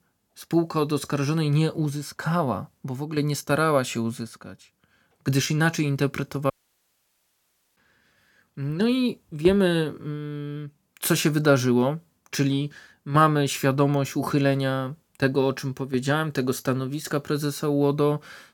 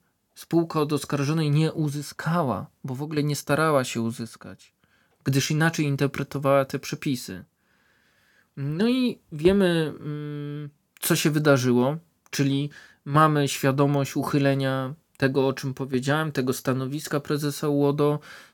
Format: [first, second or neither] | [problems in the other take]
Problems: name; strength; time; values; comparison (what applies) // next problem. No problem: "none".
second | audio cutting out; at 6.5 s for 1.5 s